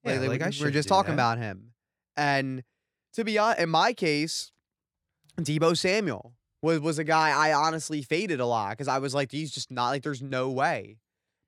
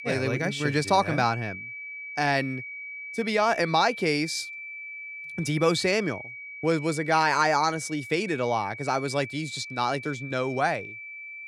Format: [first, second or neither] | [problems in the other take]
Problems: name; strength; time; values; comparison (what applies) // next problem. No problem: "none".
first | high-pitched whine; noticeable; throughout; 2.5 kHz, 10 dB below the speech